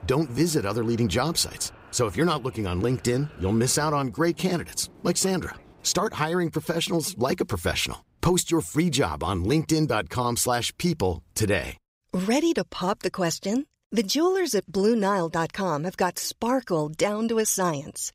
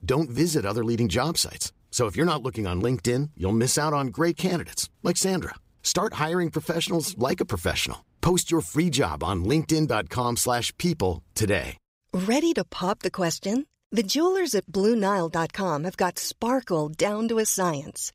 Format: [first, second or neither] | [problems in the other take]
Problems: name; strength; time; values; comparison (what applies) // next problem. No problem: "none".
second | train or aircraft noise; faint; until 6 s; 25 dB below the speech